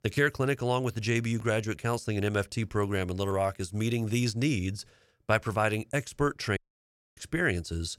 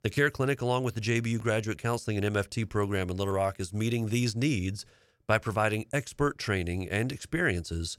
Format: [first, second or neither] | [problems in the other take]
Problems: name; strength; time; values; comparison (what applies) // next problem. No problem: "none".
second | audio cutting out; at 6.5 s for 0.5 s